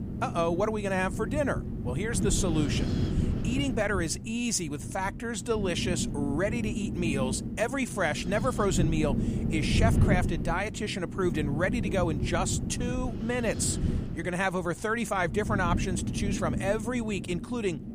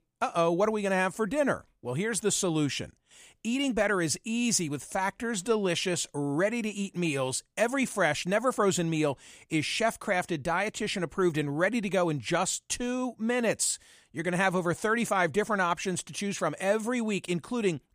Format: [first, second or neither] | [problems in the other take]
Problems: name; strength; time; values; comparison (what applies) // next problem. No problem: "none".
second | wind noise on the microphone; heavy; 9 dB below the speech